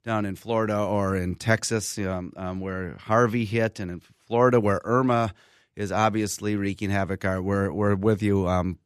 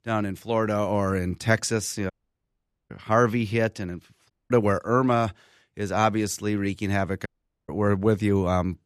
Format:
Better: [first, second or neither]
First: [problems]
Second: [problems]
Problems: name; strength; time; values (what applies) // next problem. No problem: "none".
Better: first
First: none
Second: audio cutting out; at 2 s for 1 s, at 4.5 s and at 7.5 s